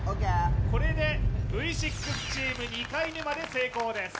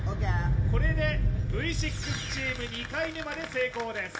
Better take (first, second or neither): first